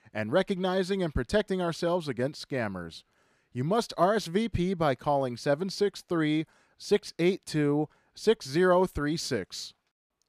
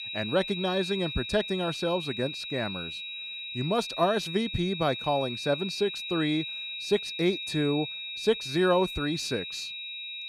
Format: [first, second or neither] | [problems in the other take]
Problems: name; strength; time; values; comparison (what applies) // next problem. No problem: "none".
first | high-pitched whine; loud; throughout; 4 kHz, 5 dB below the speech